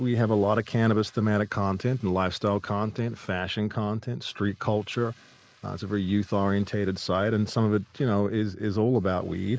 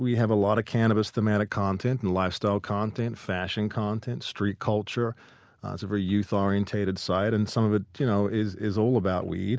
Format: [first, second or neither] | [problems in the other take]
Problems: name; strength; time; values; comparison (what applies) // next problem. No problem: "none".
second | noise reduction (neural mask model Resemble Enhance denoiser)